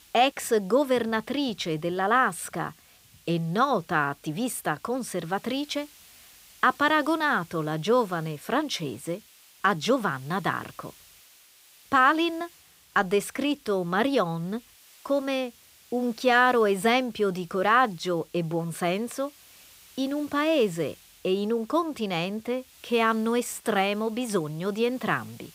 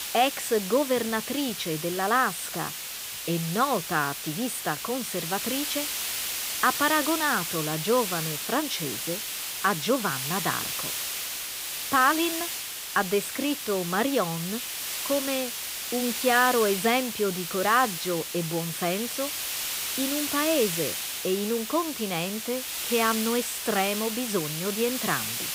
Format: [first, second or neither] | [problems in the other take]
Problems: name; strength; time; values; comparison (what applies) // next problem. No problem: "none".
first | hiss; loud; throughout; 3 dB below the speech; faint in the first